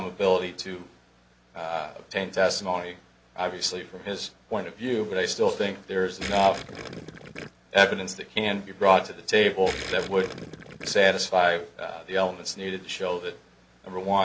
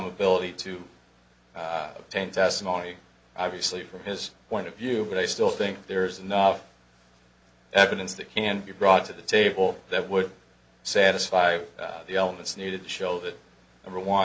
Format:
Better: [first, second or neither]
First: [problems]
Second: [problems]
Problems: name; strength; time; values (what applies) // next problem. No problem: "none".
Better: second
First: background sound (Gurgling); 12 dB below the speech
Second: none